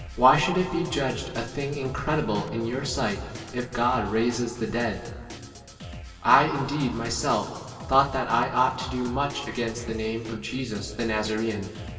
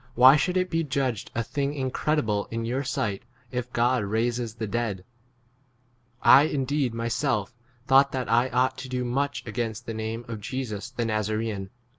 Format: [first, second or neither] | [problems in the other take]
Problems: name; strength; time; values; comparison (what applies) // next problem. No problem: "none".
second | background sound (Drum kit); 14 dB below the speech // room echo; dies away in 2.2 s